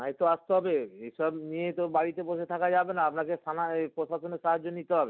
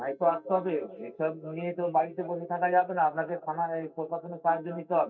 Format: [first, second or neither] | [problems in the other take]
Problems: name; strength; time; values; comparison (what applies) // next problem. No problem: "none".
first | noise reduction (neural mask model DeepFilterNet 3)